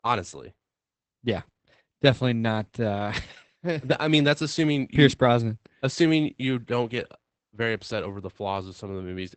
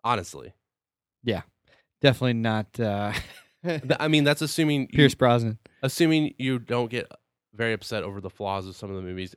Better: second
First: garbled, watery; badly; nothing above 8 kHz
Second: none

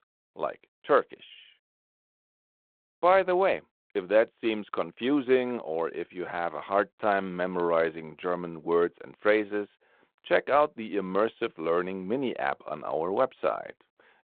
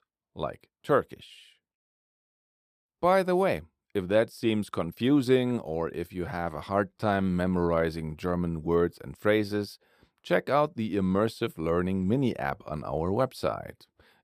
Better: second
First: phone-call audio; nothing above 4 kHz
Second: none

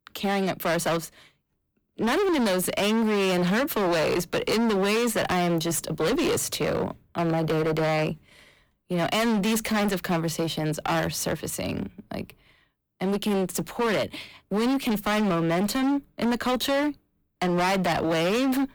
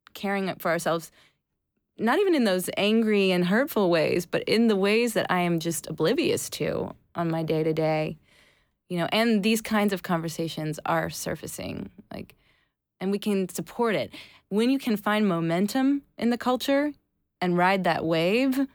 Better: second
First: distortion; heavy; 27% of the sound clipped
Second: none

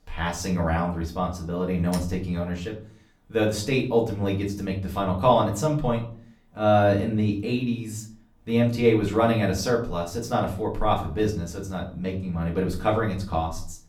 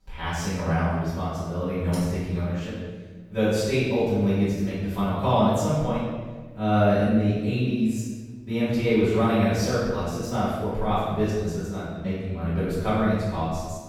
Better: first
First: room echo; slight; dies away in 0.4 s // off-mic speech; far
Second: room echo; strong; dies away in 1.3 s // off-mic speech; far

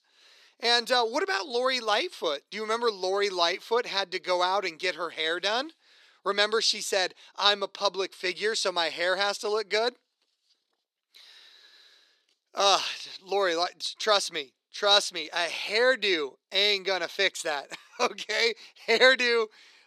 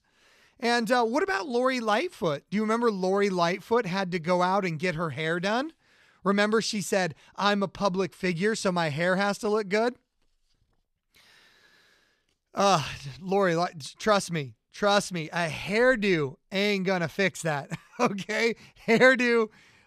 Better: second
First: thin; somewhat; fading below 300 Hz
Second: none

